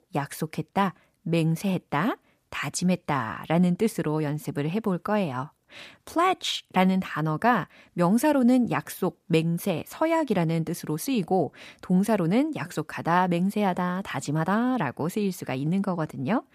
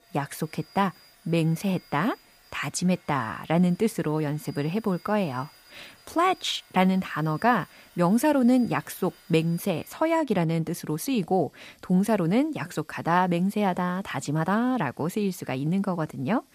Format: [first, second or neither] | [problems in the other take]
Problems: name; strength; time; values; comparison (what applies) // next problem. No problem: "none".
first | household noises; faint; throughout; 30 dB below the speech